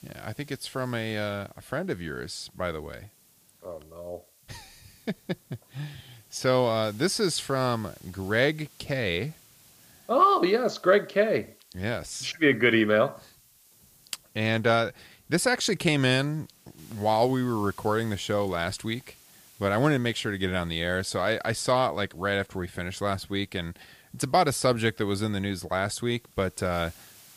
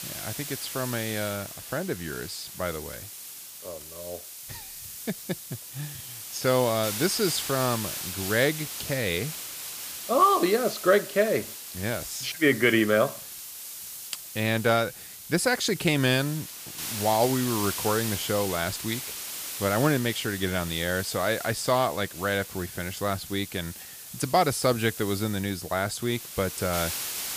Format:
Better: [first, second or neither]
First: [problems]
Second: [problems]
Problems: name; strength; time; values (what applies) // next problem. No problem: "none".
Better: first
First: hiss; faint; throughout; 25 dB below the speech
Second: hiss; loud; throughout; 8 dB below the speech